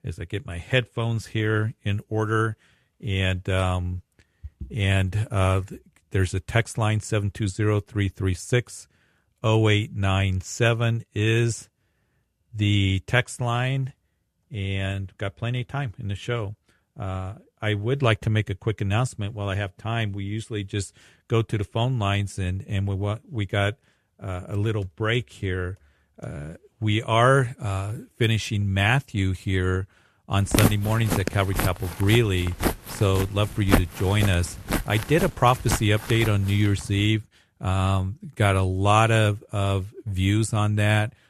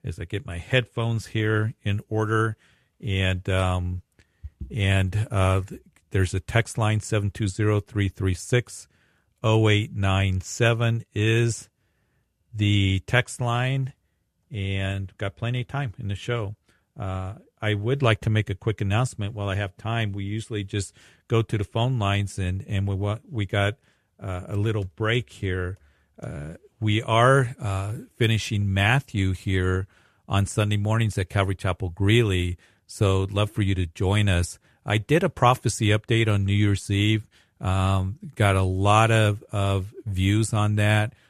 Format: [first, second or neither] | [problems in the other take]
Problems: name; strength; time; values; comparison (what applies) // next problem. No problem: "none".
second | footsteps; loud; from 31 to 37 s; peak 2 dB above the speech